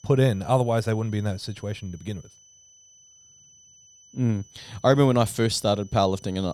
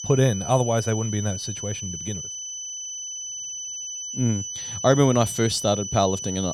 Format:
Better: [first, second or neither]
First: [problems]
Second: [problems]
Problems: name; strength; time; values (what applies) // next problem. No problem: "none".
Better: first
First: high-pitched whine; faint; throughout; 6 kHz, 25 dB below the speech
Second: high-pitched whine; loud; throughout; 6 kHz, 7 dB below the speech